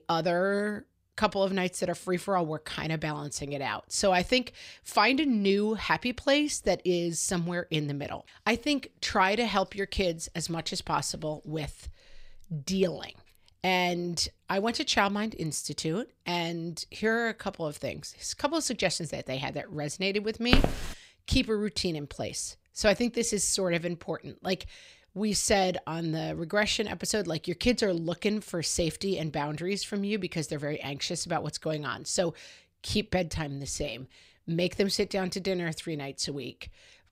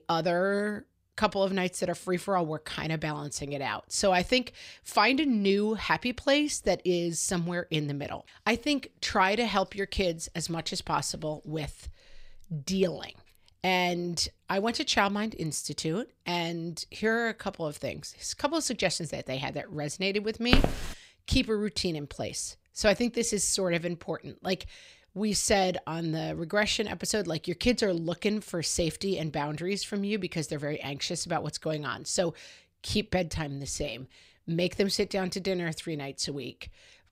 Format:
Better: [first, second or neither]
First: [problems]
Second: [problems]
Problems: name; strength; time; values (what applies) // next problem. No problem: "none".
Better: neither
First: footsteps; loud; at 21 s; peak 3 dB above the speech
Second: footsteps; loud; at 21 s; peak 3 dB above the speech